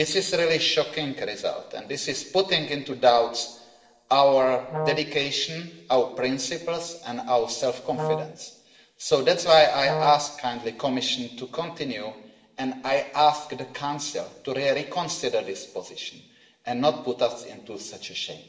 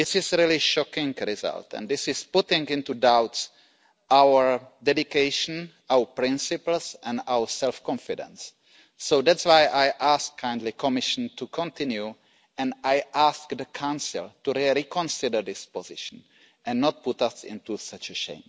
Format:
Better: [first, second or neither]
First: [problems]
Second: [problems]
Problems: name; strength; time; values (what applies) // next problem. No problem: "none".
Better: second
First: background sound (Brass instrument); 5 dB below the speech // room echo; dies away in 1 s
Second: none